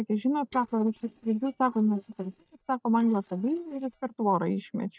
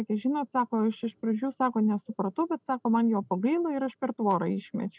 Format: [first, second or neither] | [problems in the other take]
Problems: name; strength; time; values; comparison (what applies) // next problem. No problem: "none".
second | noise reduction (neural mask model DeepFilterNet 3)